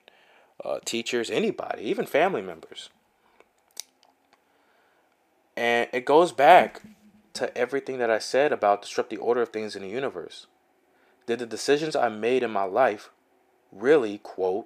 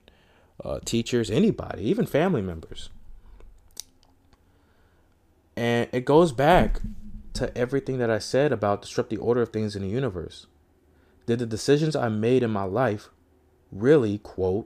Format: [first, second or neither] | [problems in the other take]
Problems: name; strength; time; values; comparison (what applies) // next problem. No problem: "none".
second | thin; somewhat; fading below 350 Hz